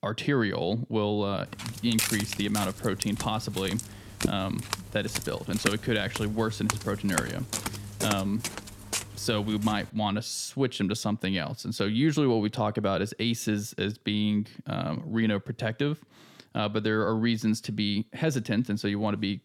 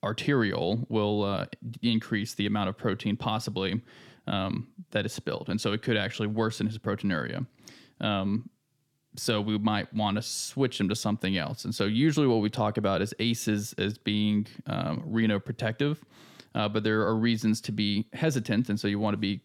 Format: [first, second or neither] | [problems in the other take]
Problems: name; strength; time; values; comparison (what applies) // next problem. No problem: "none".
second | footsteps; loud; from 1.5 to 9.5 s; peak 1 dB above the speech